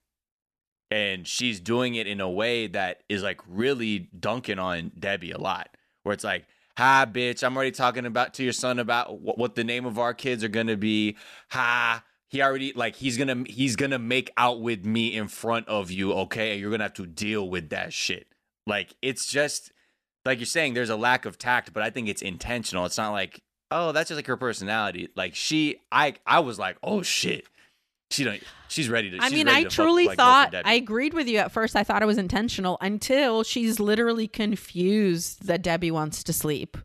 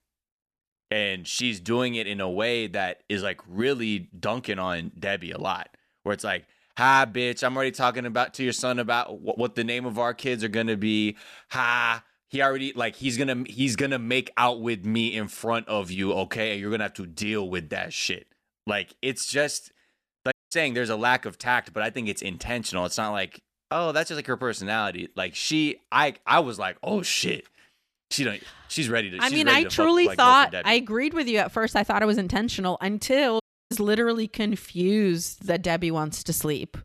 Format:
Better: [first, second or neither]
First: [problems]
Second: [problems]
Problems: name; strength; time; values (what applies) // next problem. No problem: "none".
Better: first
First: none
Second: audio cutting out; at 20 s and at 33 s